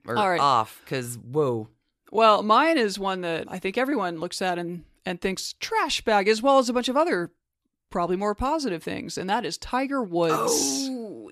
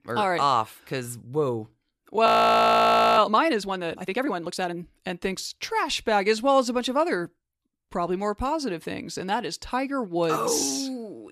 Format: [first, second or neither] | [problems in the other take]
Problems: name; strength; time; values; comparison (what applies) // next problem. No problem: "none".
first | audio freezing; at 2.5 s for 1 s